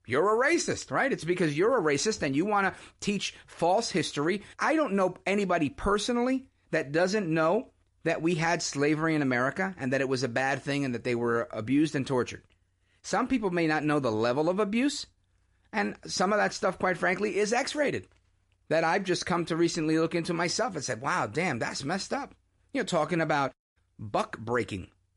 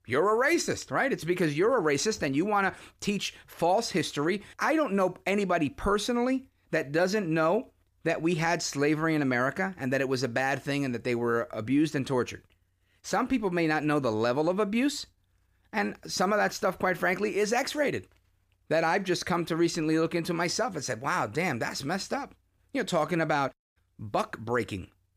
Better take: second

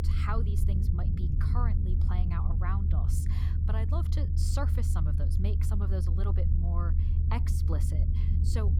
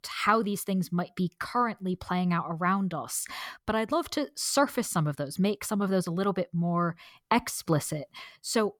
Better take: second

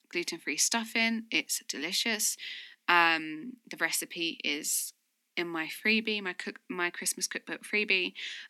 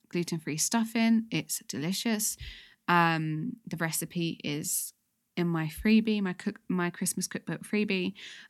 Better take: second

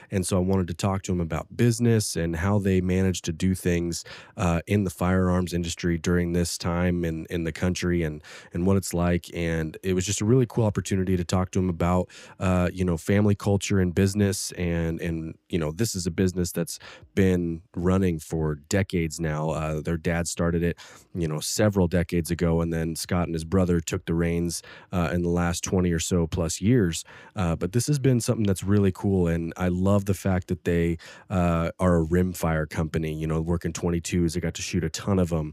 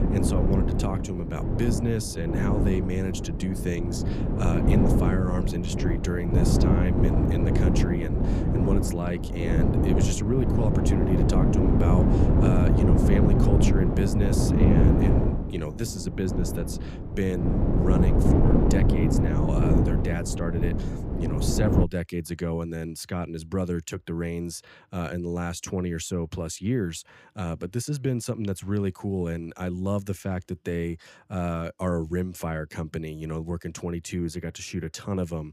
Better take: first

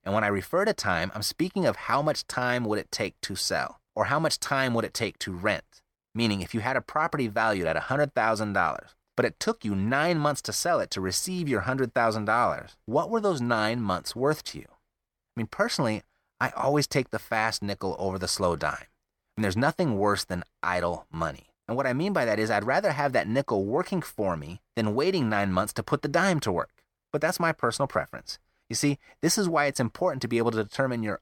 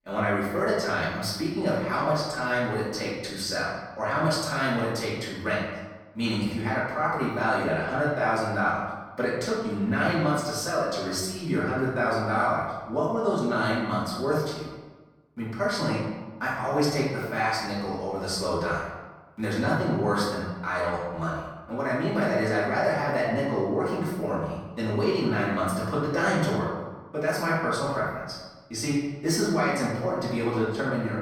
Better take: first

